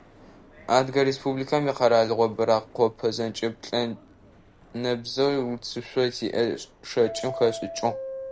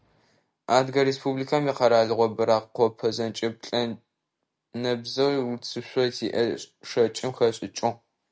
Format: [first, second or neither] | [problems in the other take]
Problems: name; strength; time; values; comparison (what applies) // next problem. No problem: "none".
second | background sound (Subway, metro, underground); 16 dB below the speech